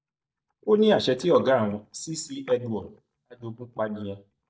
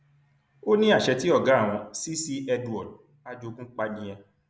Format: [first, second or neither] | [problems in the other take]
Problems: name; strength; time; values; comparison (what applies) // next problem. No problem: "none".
second | noise reduction (neural mask model DeepFilterNet 3)